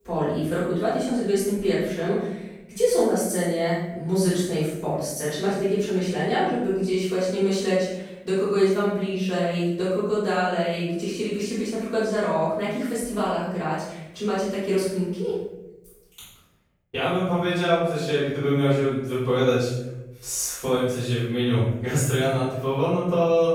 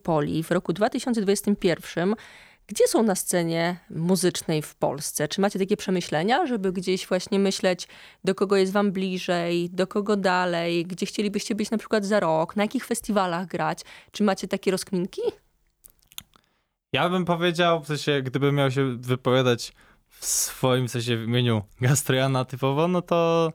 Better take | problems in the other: second | room echo; strong; dies away in 0.9 s // off-mic speech; far

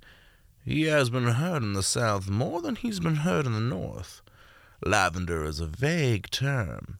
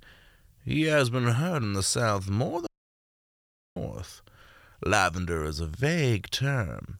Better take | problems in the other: first | audio cutting out; at 2.5 s for 1 s

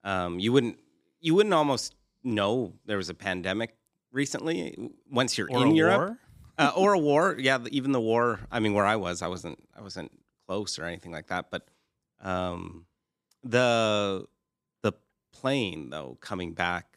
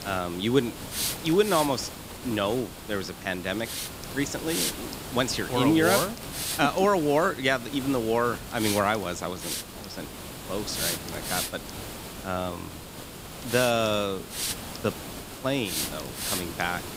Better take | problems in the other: first | hiss; loud; throughout; 6 dB below the speech

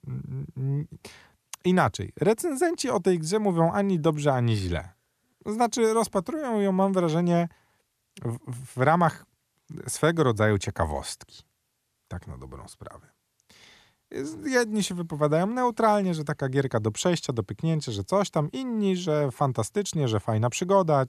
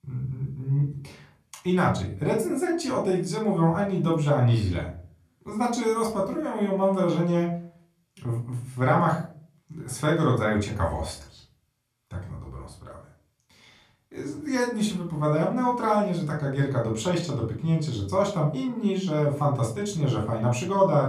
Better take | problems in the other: first | off-mic speech; far // room echo; slight; dies away in 0.4 s

